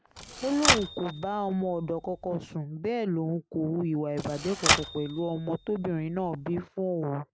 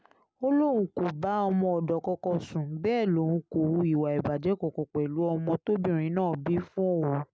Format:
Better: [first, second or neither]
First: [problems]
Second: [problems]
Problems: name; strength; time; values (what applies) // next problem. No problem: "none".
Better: second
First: background sound (Typewriter); 2 dB below the speech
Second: none